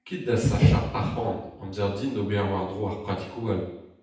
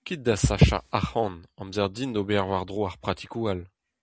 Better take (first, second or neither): second